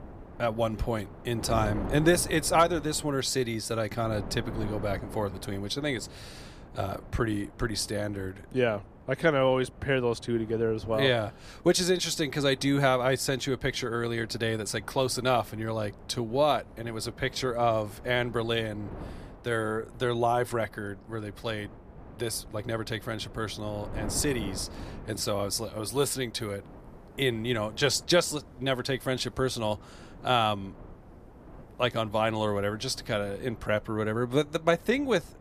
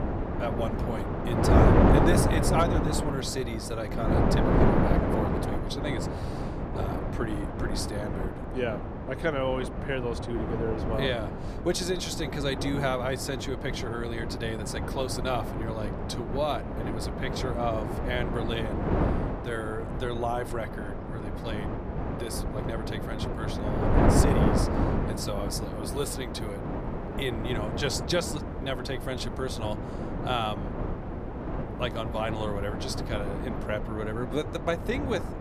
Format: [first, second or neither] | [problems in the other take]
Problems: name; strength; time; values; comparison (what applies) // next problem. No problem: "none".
first | wind noise on the microphone; heavy; as loud as the speech; occasional gusts in the first